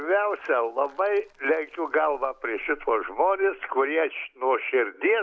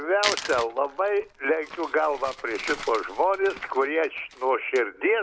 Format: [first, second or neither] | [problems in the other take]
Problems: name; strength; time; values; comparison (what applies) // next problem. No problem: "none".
first | background sound (Crumpling, crinkling); 12 dB below the speech